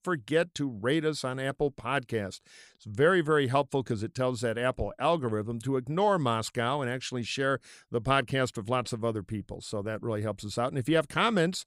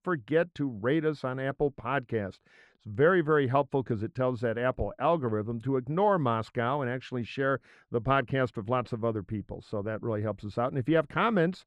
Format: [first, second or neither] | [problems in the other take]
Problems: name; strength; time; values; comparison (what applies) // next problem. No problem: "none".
first | muffled; very; fading above 4 kHz